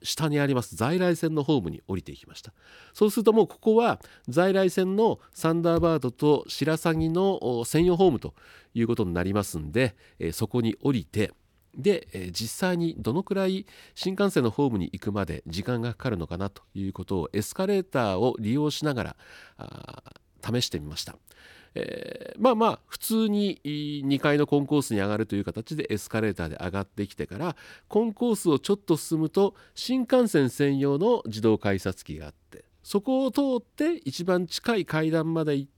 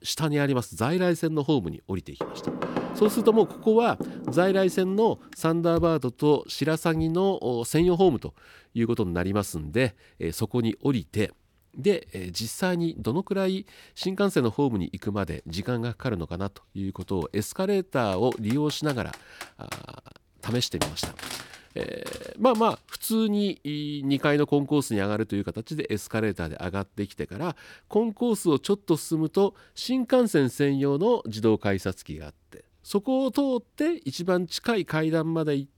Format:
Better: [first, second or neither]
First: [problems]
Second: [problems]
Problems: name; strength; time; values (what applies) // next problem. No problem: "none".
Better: first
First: none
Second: door banging; noticeable; from 2 to 5.5 s; peak 4 dB below the speech // keyboard typing; noticeable; from 18 to 23 s; peak 5 dB below the speech